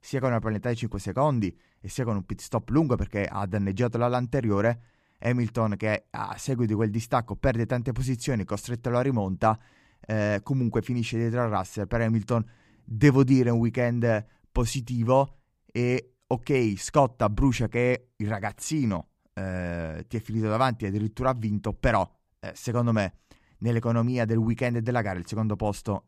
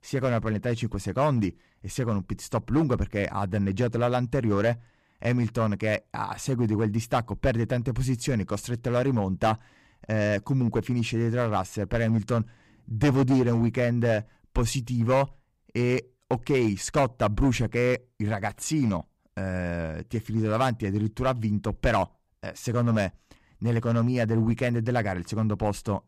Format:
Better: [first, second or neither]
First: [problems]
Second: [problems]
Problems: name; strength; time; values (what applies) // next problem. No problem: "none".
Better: first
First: none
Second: distortion; slight; 4% of the sound clipped